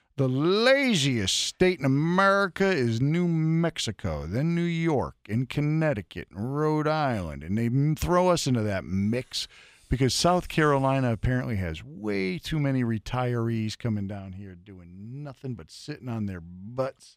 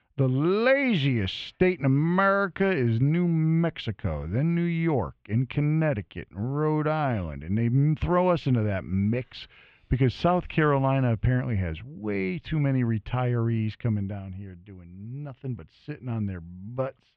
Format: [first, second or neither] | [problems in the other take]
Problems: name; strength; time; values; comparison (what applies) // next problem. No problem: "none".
first | muffled; very; fading above 3 kHz